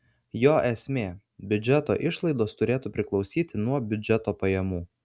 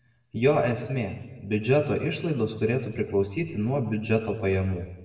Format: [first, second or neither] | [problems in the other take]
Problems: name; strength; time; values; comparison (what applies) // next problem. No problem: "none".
first | room echo; dies away in 1 s